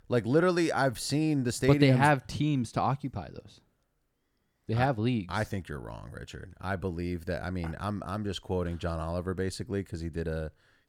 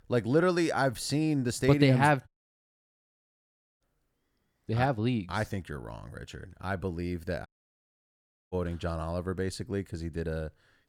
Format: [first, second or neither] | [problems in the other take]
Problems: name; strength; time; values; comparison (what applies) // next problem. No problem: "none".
first | audio cutting out; at 2.5 s for 1.5 s and at 7.5 s for 1 s